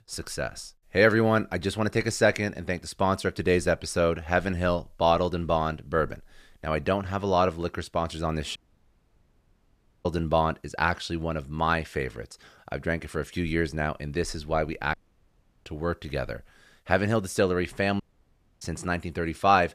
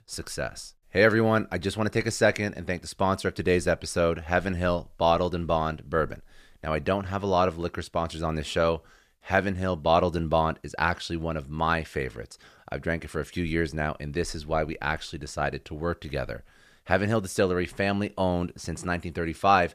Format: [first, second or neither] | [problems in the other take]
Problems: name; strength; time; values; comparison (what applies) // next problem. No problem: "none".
second | audio cutting out; at 8.5 s for 1.5 s, at 15 s for 0.5 s and at 18 s for 0.5 s